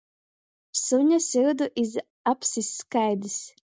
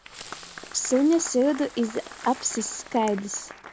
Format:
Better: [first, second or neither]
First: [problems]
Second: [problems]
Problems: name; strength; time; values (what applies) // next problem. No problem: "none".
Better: first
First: none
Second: background sound (Applause + Fireworks); 16 dB below the speech